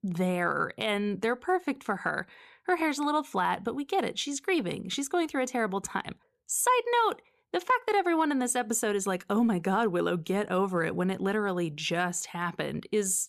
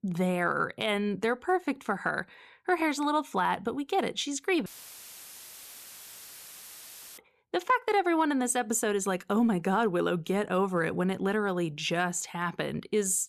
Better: first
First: none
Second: audio cutting out; filled with static; at 4.5 s for 2.5 s

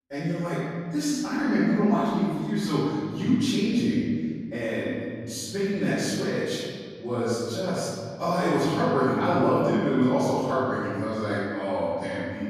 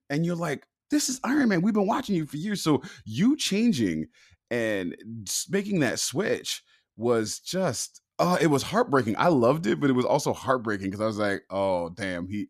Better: second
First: off-mic speech; far // room echo; strong; dies away in 1.9 s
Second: none

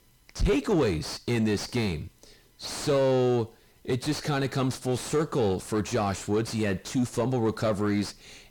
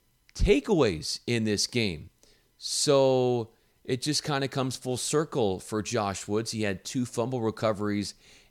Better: second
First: distortion; heavy; 6 dB below the speech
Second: none

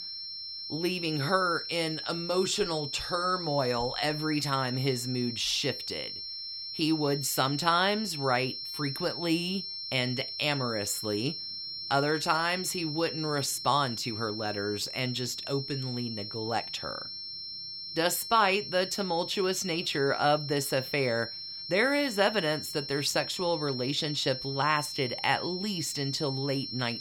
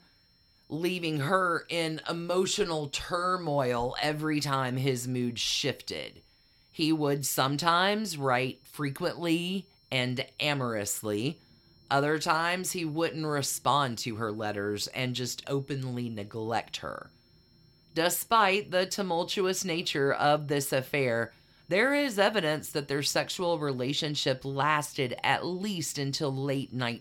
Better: second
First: high-pitched whine; loud; throughout; 5.5 kHz, 6 dB below the speech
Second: high-pitched whine; faint; throughout; 5.5 kHz, 35 dB below the speech

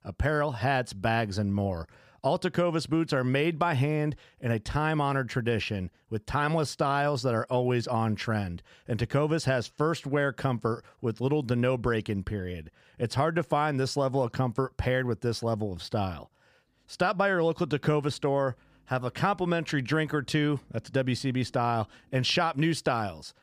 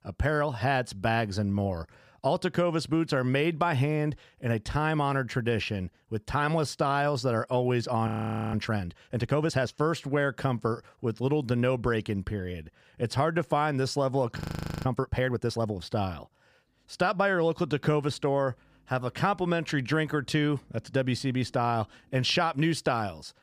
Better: first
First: none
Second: audio freezing; at 8 s and at 14 s

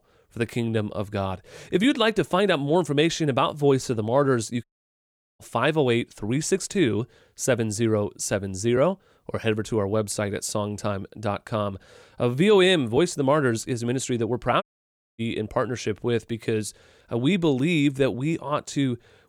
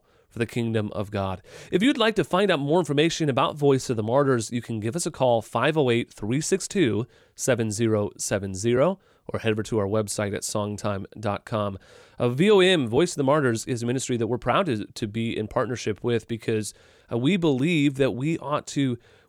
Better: second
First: audio cutting out; at 4.5 s for 1 s and at 15 s for 0.5 s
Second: none

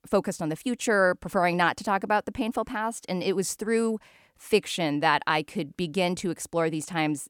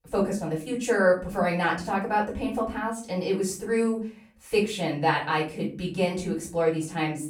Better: first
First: none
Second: off-mic speech; far // room echo; slight; dies away in 0.4 s

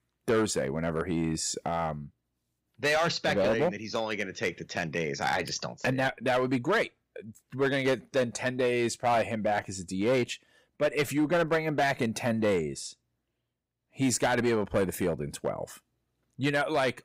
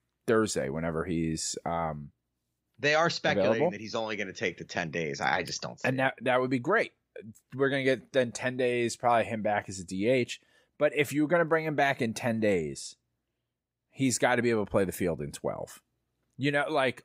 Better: second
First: distortion; slight; 5% of the sound clipped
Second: none

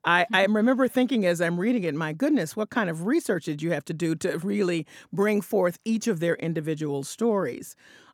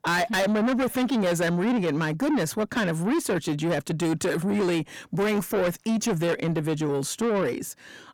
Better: first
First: none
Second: distortion; heavy; 7 dB below the speech

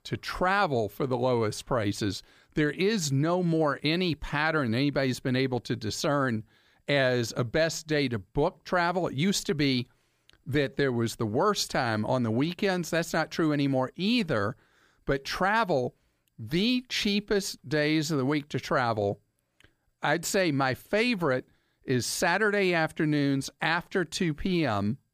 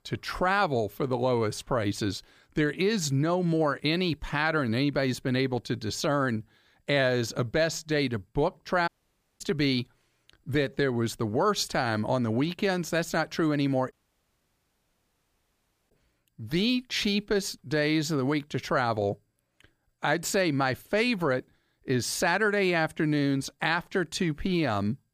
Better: first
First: none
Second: audio cutting out; at 9 s for 0.5 s and at 14 s for 2 s

